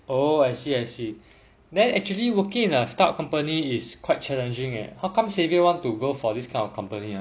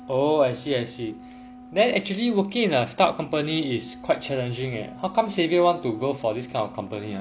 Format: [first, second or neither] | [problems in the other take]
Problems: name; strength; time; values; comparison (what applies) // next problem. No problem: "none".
first | background sound (Wind instrument, woodwind instrument); 19 dB below the speech